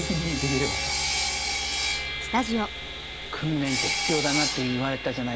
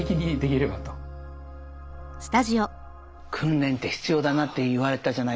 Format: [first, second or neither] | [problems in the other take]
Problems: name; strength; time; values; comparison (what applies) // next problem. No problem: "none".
second | background sound (Sawing); as loud as the speech